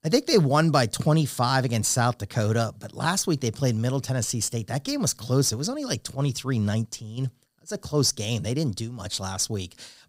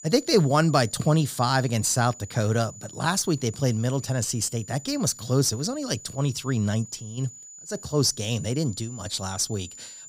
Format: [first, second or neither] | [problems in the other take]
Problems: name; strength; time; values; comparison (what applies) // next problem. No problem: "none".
first | high-pitched whine; noticeable; throughout; 7 kHz, 15 dB below the speech